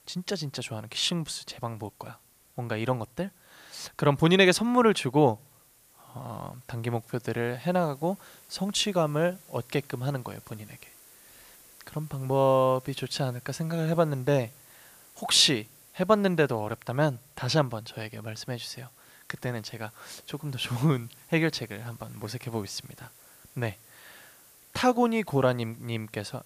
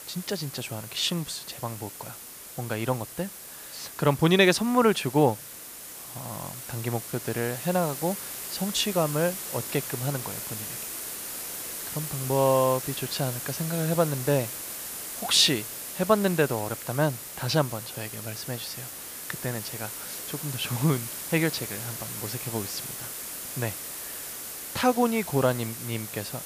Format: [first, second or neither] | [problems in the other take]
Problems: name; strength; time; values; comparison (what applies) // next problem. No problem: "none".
first | hiss; loud; throughout; 8 dB below the speech; faint in the first